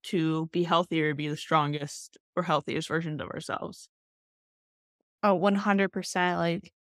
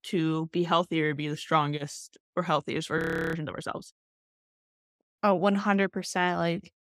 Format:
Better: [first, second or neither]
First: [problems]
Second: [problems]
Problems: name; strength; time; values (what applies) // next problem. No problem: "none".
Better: first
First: none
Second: audio freezing; at 3 s